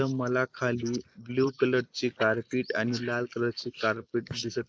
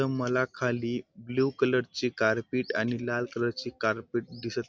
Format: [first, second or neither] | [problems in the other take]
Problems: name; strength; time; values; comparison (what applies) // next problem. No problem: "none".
second | noise reduction (neural mask model Resemble Enhance denoiser)